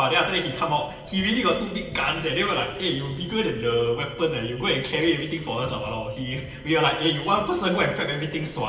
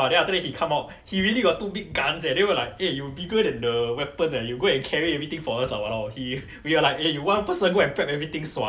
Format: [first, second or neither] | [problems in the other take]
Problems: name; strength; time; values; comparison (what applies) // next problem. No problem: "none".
second | room echo; dies away in 2.1 s